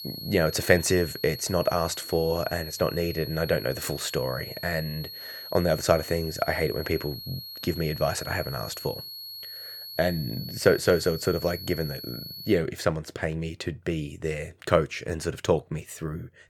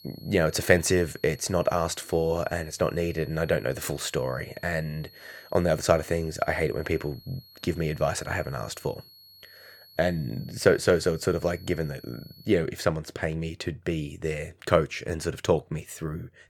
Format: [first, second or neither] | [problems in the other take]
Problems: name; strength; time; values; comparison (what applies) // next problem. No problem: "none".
second | high-pitched whine; loud; until 13 s; 4.5 kHz, 10 dB below the speech; faint in the second